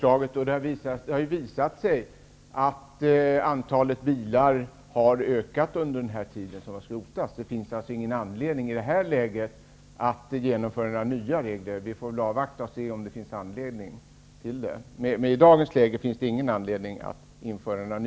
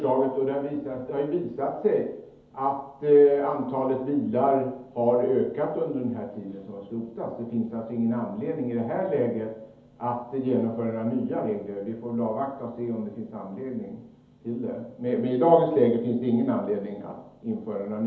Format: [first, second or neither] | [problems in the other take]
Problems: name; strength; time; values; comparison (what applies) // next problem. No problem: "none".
first | room echo; dies away in 2.2 s